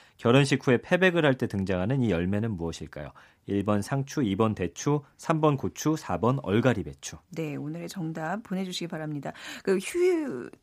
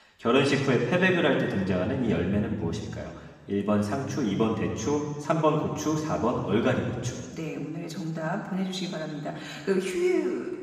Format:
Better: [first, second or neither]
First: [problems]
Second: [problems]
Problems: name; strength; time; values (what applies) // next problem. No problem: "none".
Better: first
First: none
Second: room echo; noticeable; dies away in 1.6 s // off-mic speech; far